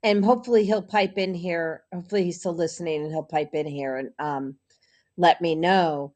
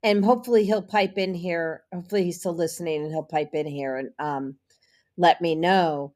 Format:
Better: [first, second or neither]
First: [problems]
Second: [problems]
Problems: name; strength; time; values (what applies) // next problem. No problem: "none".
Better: second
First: garbled, watery; slightly; nothing above 8.5 kHz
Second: none